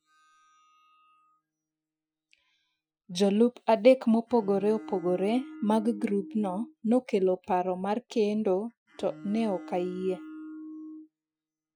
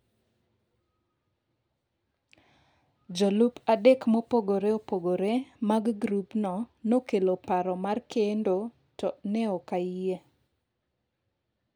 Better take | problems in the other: second | noise reduction (classical method Wiener filter)

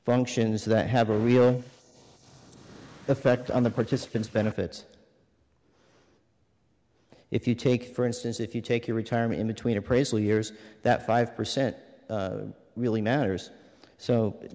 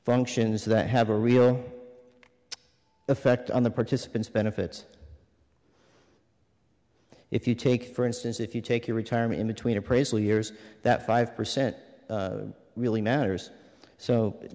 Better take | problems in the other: second | noise reduction (neural mask model Resemble Enhance denoiser)

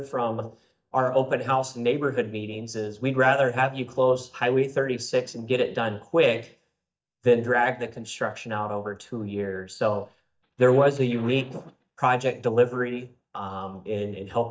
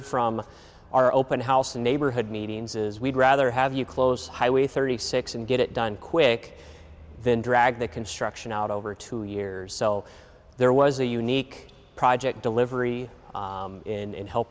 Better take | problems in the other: second | noise reduction (neural mask model DeepFilterNet 3)

